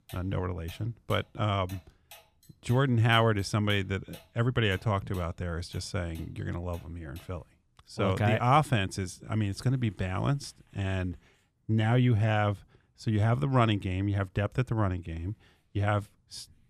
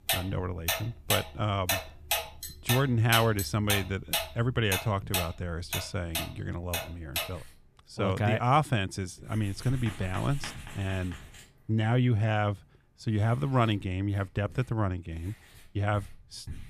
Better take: first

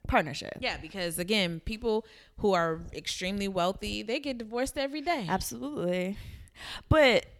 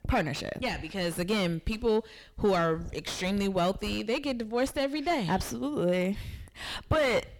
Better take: first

